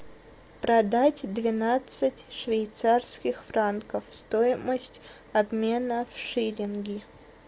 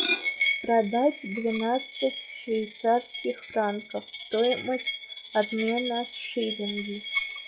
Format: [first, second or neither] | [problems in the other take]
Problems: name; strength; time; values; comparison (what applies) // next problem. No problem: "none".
first | noise reduction (classical method log-MMSE)